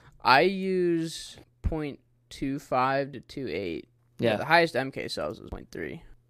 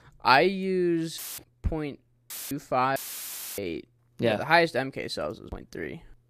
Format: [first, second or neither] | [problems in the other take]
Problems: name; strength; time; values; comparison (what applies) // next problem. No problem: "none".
first | audio cutting out; filled with static; at 1 s, at 2.5 s and at 3 s for 0.5 s